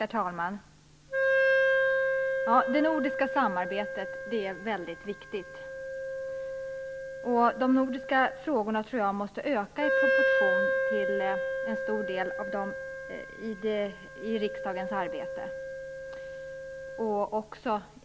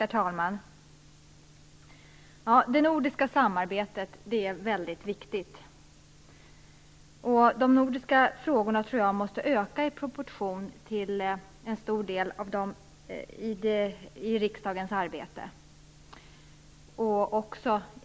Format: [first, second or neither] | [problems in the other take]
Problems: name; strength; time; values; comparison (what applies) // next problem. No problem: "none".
second | background sound (Wind instrument, woodwind instrument); as loud as the speech